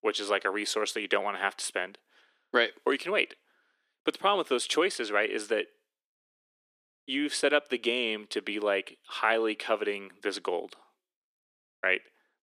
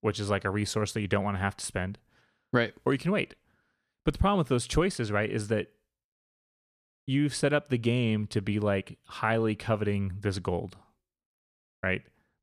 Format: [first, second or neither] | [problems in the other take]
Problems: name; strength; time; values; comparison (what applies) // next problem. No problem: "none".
second | thin; somewhat; fading below 300 Hz